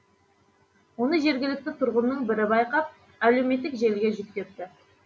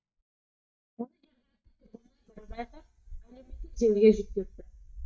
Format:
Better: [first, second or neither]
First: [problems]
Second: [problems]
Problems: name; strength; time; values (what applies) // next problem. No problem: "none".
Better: first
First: none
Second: noise reduction (neural mask model DeepFilterNet 3)